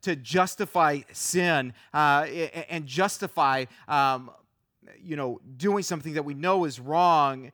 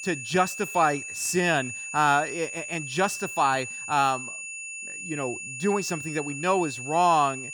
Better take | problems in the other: first | high-pitched whine; loud; throughout; 2.5 kHz, 8 dB below the speech

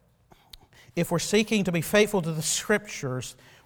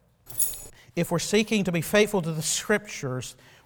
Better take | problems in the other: first | jangling keys; loud; at 0.5 s; peak level with the speech

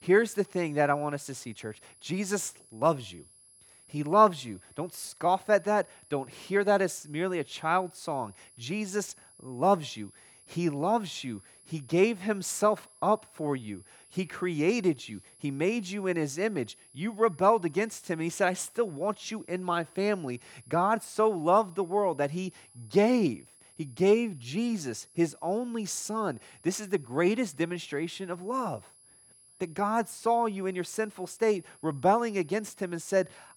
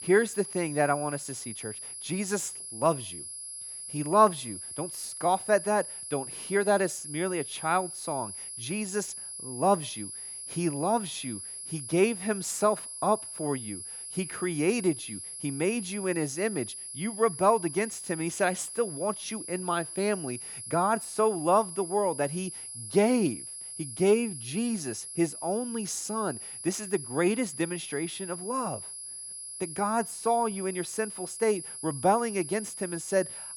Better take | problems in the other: first | high-pitched whine; loud; throughout; 10.5 kHz, 8 dB below the speech; faint in the first

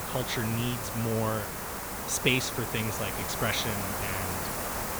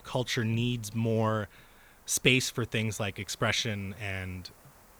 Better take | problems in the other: second | hiss; loud; throughout; 2 dB below the speech; faint in the second

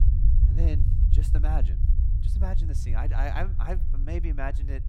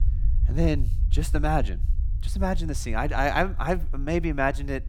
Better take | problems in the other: second | low rumble; loud; throughout; 7 dB below the speech; faint in the second

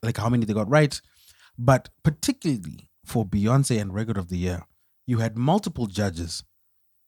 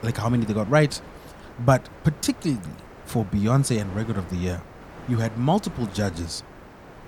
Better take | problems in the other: first | wind noise on the microphone; occasional gusts; 15 dB below the speech

